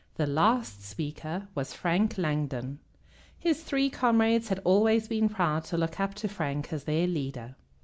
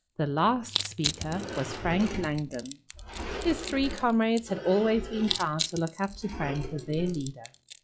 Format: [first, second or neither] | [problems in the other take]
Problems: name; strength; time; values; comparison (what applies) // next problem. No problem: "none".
first | noise reduction (classical method log-MMSE)